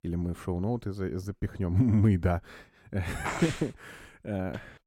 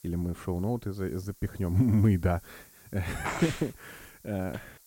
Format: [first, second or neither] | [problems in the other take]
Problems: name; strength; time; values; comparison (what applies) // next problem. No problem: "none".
first | hiss; faint; throughout; 25 dB below the speech